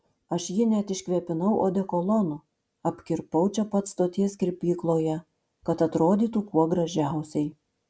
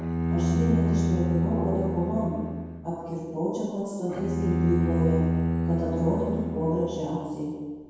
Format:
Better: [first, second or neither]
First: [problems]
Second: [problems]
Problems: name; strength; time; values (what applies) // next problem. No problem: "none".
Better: first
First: none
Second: background sound (Bowed string instrument); 2 dB above the speech // room echo; dies away in 1.2 s